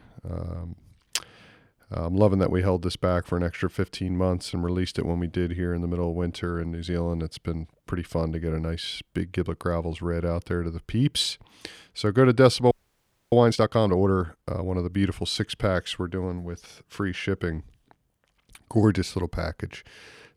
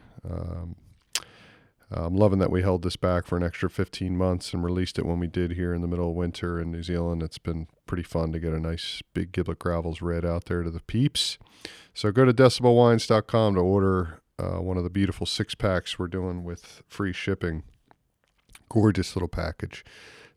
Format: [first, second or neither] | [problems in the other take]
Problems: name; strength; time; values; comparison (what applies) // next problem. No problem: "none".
second | audio freezing; at 13 s for 0.5 s